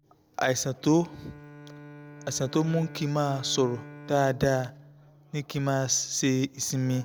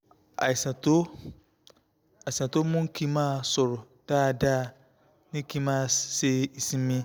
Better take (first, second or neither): second